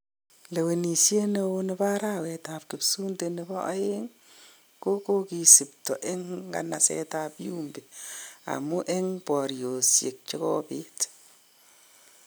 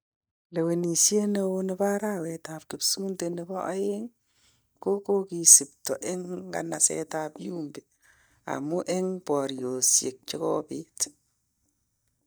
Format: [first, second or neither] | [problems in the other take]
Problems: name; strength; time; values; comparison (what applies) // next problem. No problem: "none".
first | noise reduction (neural mask model DeepFilterNet 3)